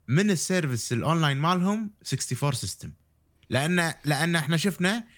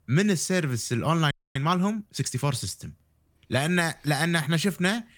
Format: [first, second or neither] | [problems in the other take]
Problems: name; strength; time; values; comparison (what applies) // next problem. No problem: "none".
first | audio freezing; at 1.5 s